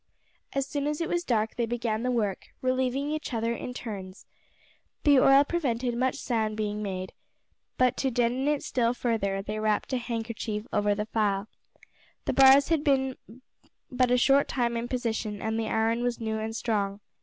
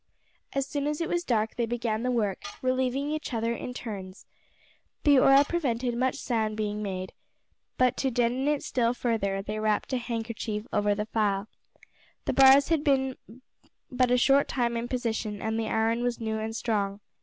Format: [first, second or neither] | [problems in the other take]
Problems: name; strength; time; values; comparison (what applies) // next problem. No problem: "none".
first | background sound (Tools); 18 dB below the speech